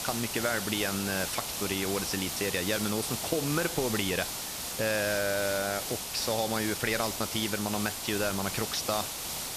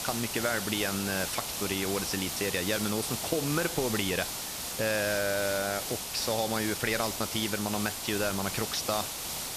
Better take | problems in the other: neither | hiss; loud; throughout; 2 dB below the speech; the same in both

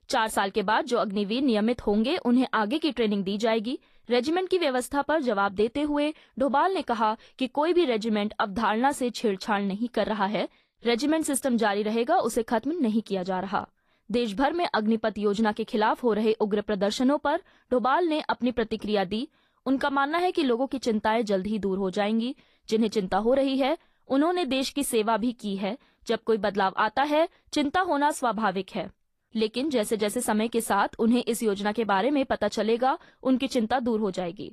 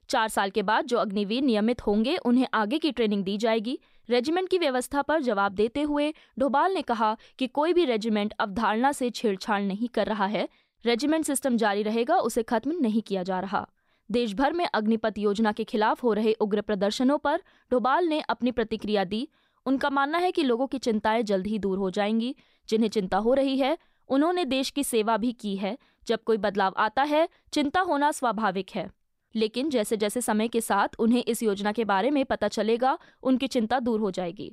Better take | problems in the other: second | garbled, watery; slightly; nothing above 12 kHz

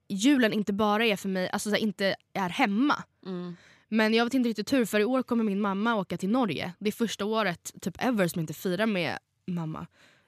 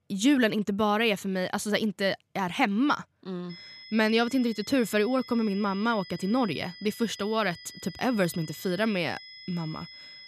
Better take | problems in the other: first | high-pitched whine; noticeable; from 3.5 s on; 5 kHz, 15 dB below the speech

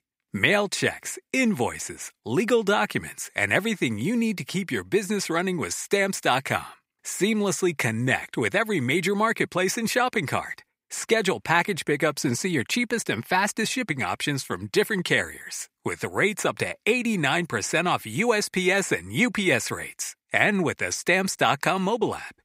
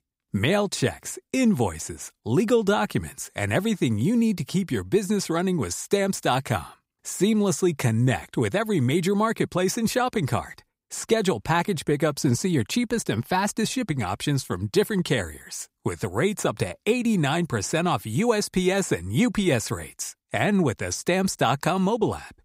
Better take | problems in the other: second | thin; very slightly; fading below 500 Hz

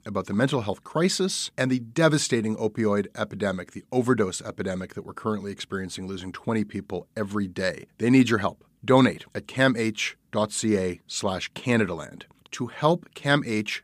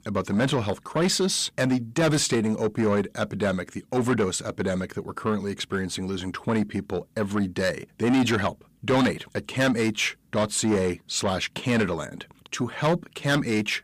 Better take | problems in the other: first | distortion; heavy; 8 dB below the speech

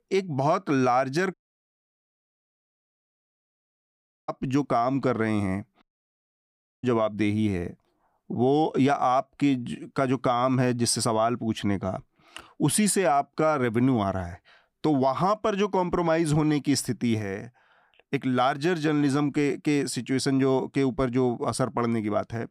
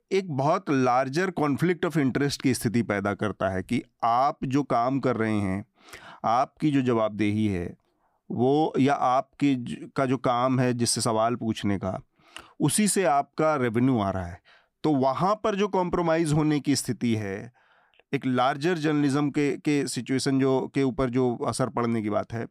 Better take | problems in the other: second | audio cutting out; at 1.5 s for 3 s and at 6 s for 1 s

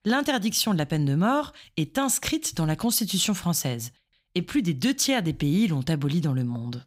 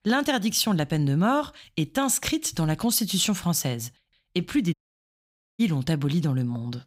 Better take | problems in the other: first | audio cutting out; at 4.5 s for 1 s

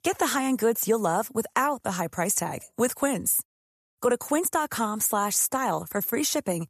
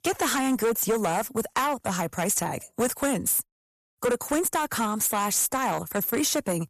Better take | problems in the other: first | distortion; slight; 11% of the sound clipped

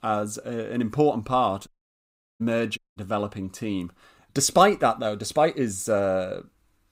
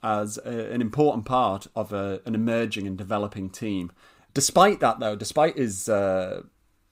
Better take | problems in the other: second | audio cutting out; at 1.5 s for 0.5 s and at 3 s

